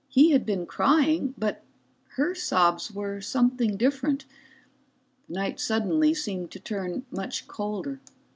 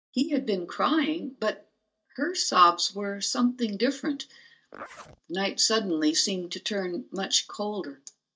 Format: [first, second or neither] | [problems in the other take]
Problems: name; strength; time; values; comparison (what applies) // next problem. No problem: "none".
first | noise reduction (neural mask model DeepFilterNet 3)